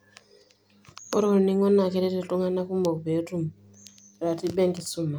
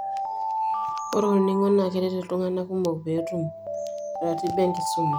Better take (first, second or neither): first